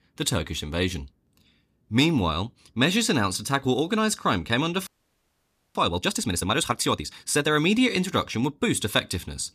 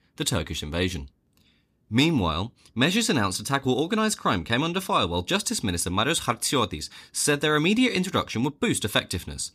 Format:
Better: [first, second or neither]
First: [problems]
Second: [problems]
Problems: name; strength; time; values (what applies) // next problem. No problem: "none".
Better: second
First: audio freezing; at 5 s for 1 s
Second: none